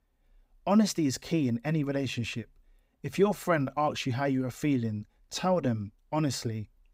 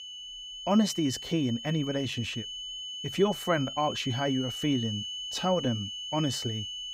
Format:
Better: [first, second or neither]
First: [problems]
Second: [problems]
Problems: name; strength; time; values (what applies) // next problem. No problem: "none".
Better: first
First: none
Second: high-pitched whine; loud; throughout; 3 kHz, 6 dB below the speech